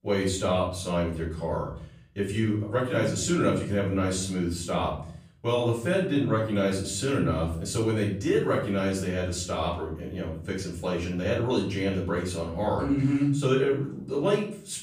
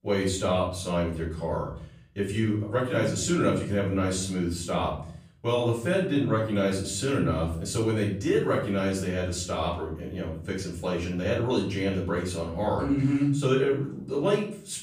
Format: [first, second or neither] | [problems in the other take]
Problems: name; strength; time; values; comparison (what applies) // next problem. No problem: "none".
neither | off-mic speech; far; the same in both // room echo; noticeable; dies away in 0.6 s; the same in both